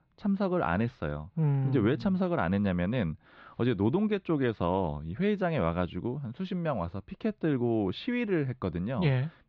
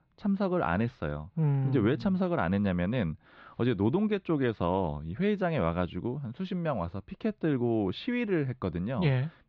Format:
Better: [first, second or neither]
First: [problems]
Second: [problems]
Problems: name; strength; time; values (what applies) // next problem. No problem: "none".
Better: neither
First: muffled; slightly; fading above 4 kHz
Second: muffled; slightly; fading above 4 kHz